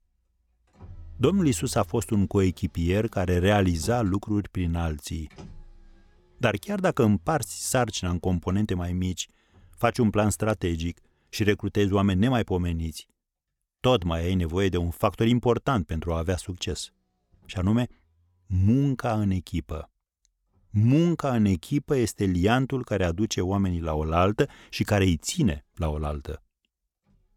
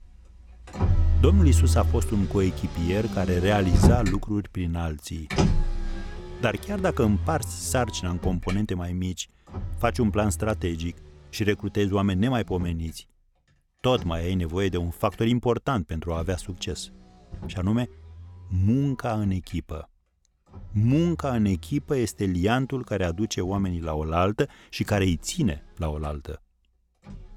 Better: first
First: traffic noise; faint; throughout; 25 dB below the speech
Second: traffic noise; loud; throughout; 2 dB below the speech

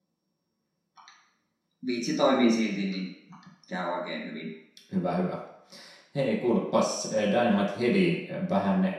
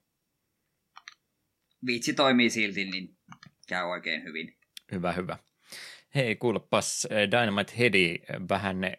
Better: second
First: room echo; noticeable; dies away in 0.7 s // off-mic speech; far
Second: none

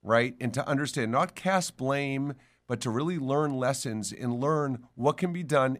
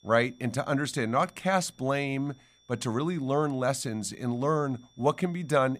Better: first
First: none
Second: high-pitched whine; faint; throughout; 3.5 kHz, 30 dB below the speech

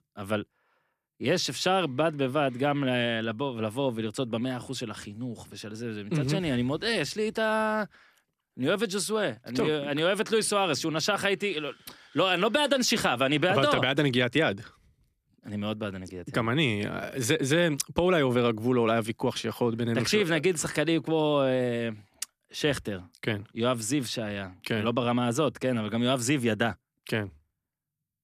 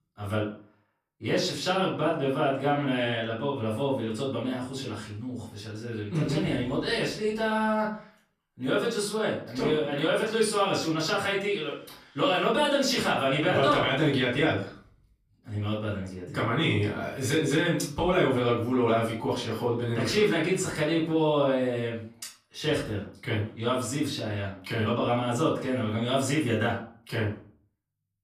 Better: first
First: none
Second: room echo; slight; dies away in 0.4 s // off-mic speech; far

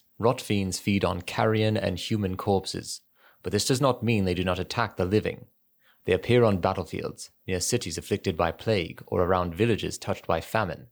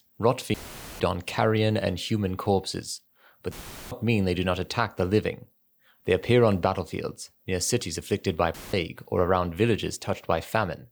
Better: first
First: none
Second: audio cutting out; filled with static; at 0.5 s, at 3.5 s and at 8.5 s

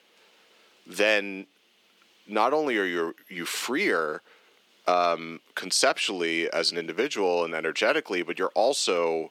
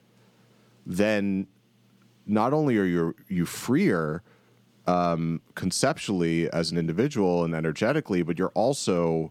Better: second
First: thin; somewhat; fading below 350 Hz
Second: none

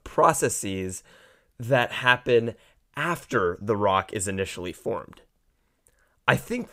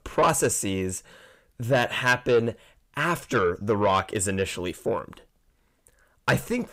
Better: first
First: none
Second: distortion; slight; 10 dB below the speech

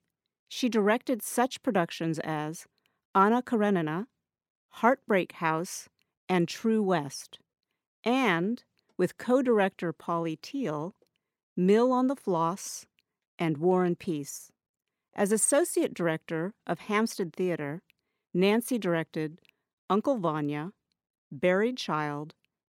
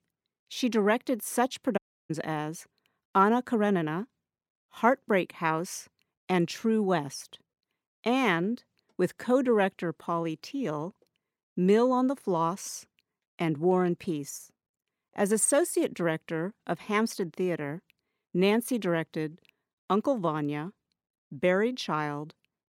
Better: first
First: none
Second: audio cutting out; at 2 s

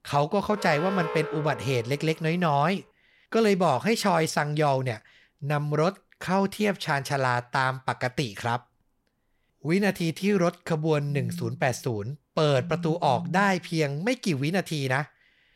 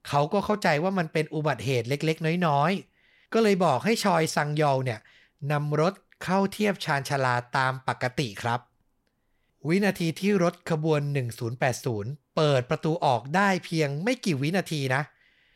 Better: second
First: alarm; noticeable; from 0.5 to 2 s; peak 6 dB below the speech // phone ringing; noticeable; from 11 to 14 s; peak 9 dB below the speech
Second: none

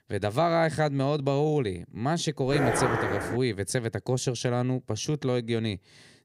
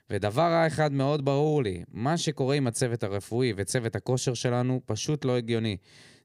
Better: second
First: dog barking; loud; at 2.5 s; peak 1 dB above the speech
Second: none

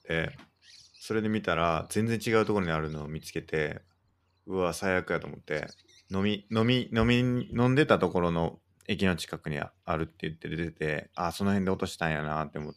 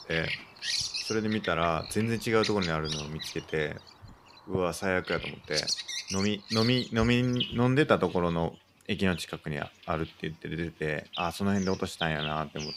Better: first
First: animal sounds; faint; throughout; 30 dB below the speech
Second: animal sounds; loud; throughout; 5 dB below the speech

